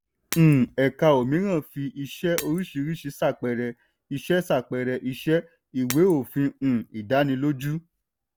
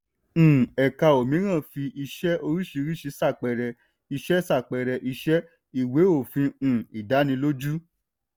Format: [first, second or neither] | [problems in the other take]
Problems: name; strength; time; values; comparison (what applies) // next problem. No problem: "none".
second | background sound (Shatter); 17 dB below the speech